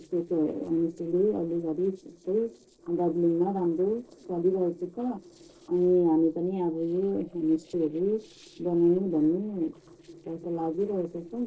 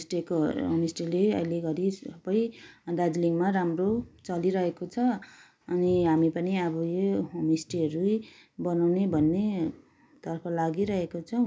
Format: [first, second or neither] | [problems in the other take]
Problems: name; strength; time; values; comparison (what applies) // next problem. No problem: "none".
second | noise reduction (neural separator model SepFormer DNS4)